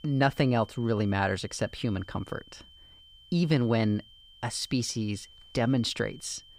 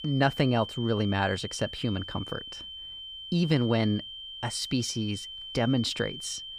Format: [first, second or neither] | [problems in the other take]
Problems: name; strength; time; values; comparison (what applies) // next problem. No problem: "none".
first | high-pitched whine; loud; throughout; 3 kHz, 10 dB below the speech; faint in the first